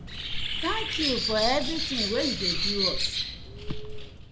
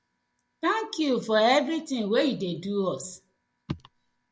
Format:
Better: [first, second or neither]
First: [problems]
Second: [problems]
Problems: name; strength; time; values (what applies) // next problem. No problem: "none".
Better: second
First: background sound (Bird); 2 dB above the speech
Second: none